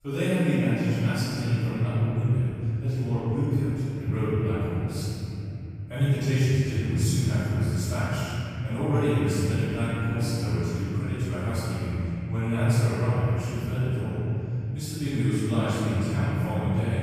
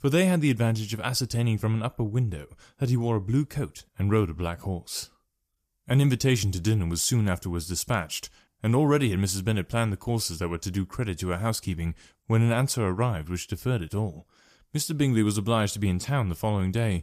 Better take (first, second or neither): second